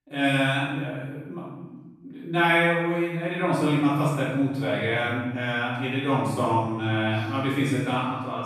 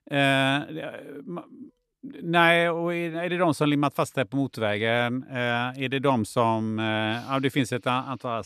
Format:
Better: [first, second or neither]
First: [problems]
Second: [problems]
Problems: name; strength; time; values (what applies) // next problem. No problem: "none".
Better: second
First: room echo; strong; dies away in 1.2 s // off-mic speech; far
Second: none